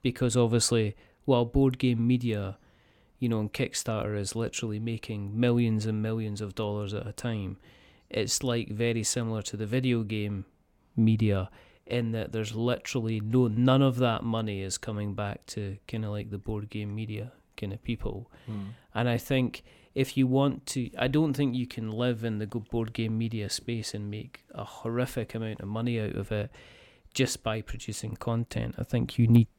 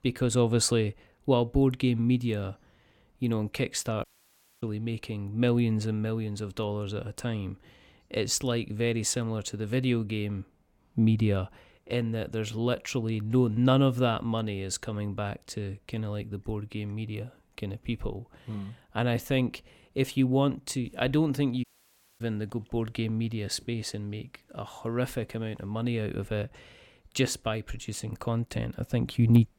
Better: first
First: none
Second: audio cutting out; at 4 s for 0.5 s and at 22 s for 0.5 s

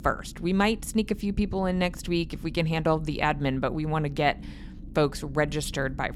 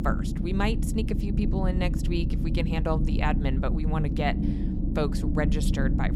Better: first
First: low rumble; faint; throughout; 25 dB below the speech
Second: low rumble; loud; throughout; 5 dB below the speech

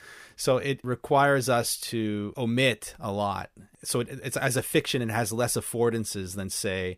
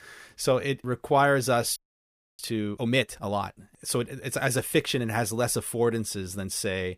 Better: first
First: none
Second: audio freezing; at 2 s for 0.5 s

